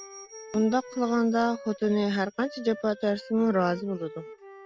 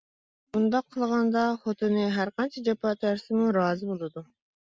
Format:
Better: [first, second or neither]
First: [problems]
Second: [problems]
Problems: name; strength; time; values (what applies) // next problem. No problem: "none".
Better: second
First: background sound (Bell + Wind instrument, woodwind instrument); 17 dB below the speech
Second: none